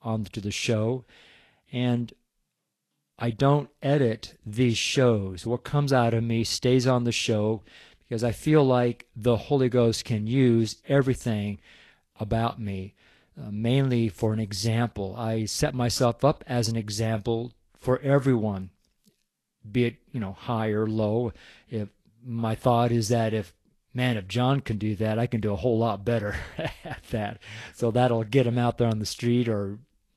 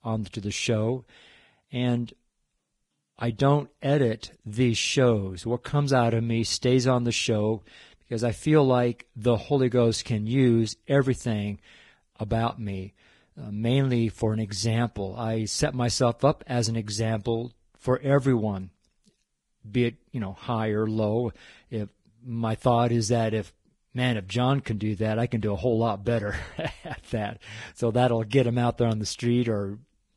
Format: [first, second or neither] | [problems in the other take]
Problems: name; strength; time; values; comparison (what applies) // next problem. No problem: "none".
first | garbled, watery; badly; nothing above 10.5 kHz; slightly in the first